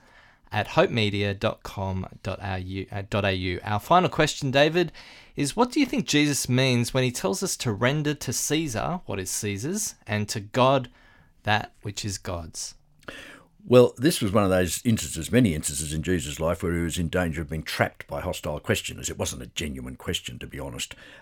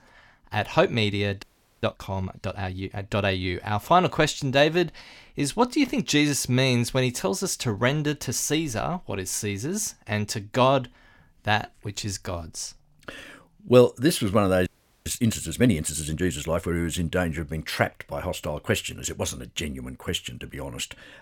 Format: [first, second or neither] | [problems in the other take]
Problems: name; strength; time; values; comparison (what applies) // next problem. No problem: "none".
first | audio freezing; at 1.5 s and at 15 s